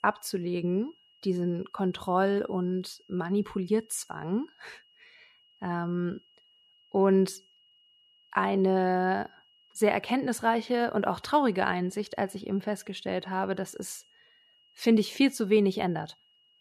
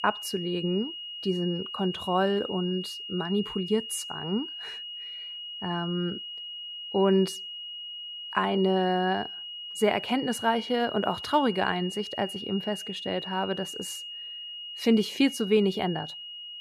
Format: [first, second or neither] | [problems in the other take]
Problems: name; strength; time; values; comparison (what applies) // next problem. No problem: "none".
first | high-pitched whine; loud; throughout; 3 kHz, 8 dB below the speech; faint in the first